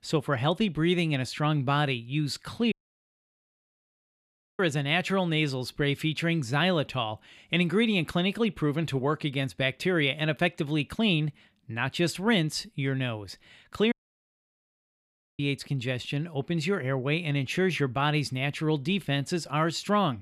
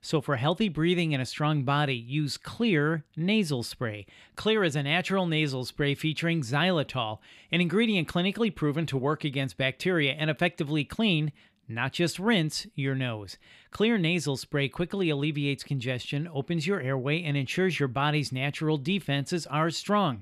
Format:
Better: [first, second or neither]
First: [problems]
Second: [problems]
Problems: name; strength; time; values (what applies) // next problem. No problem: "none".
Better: second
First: audio cutting out; at 2.5 s for 2 s and at 14 s for 1.5 s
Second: none